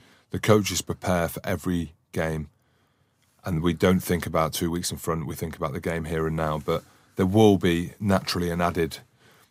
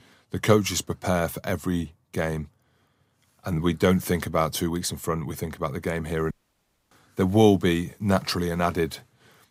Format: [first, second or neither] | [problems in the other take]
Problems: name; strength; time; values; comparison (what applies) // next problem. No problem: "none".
first | audio cutting out; at 6.5 s for 0.5 s